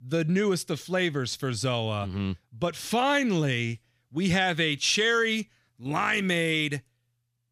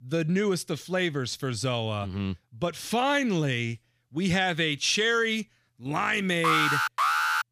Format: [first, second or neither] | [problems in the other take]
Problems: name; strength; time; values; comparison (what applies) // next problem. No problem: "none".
first | alarm; loud; at 6.5 s; peak 4 dB above the speech